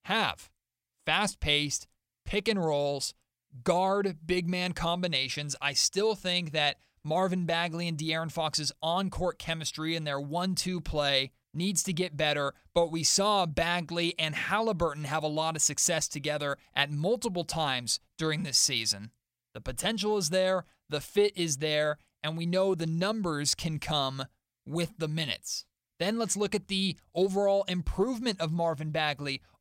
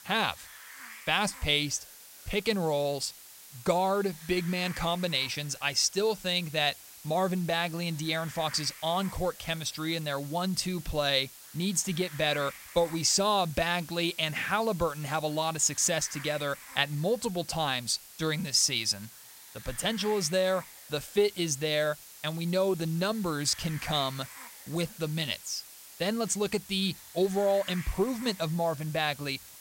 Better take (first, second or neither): first